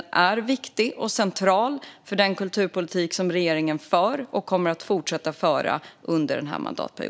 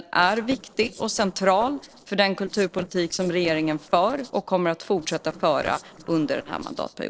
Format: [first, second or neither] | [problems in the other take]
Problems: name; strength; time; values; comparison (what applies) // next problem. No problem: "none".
first | noise reduction (neural separator model SepFormer DNS4)